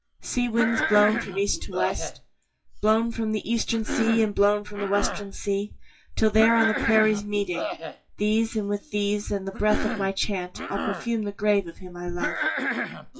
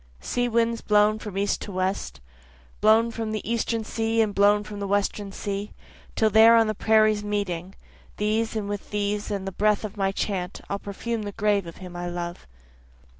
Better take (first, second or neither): second